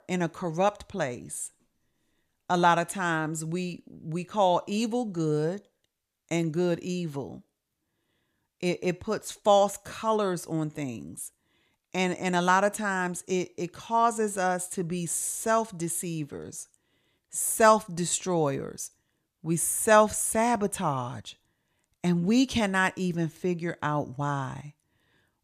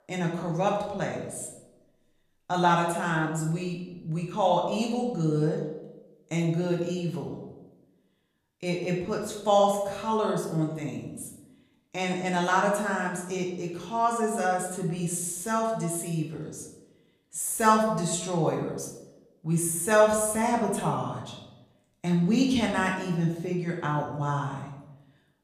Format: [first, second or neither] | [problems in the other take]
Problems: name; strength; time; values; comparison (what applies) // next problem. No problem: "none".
first | room echo; noticeable; dies away in 0.8 s // off-mic speech; somewhat distant